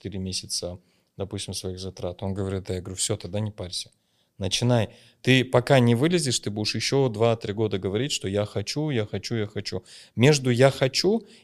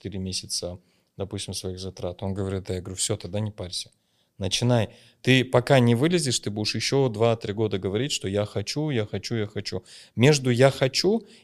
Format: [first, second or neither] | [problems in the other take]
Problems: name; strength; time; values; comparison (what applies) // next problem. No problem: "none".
neither | none